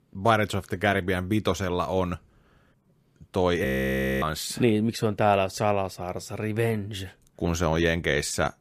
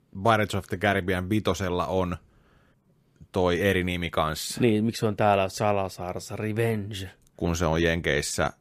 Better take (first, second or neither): second